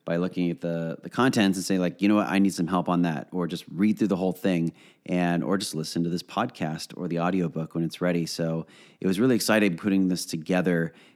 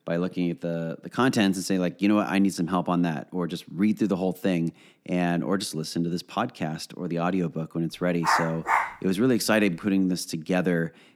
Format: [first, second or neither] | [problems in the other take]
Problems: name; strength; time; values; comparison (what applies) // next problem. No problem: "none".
first | dog barking; loud; at 8 s; peak 1 dB above the speech